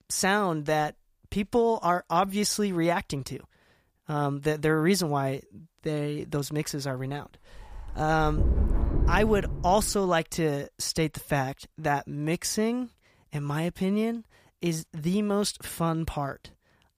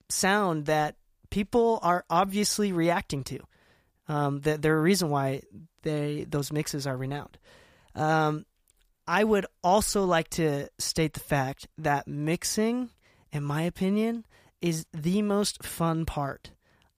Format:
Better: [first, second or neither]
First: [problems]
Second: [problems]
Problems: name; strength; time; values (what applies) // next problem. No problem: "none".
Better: second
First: dog barking; loud; from 8 to 10 s; peak 1 dB above the speech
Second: none